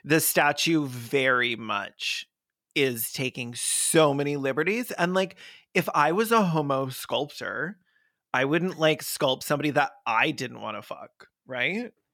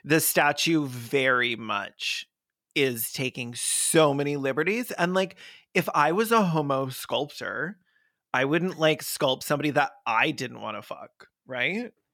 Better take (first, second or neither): neither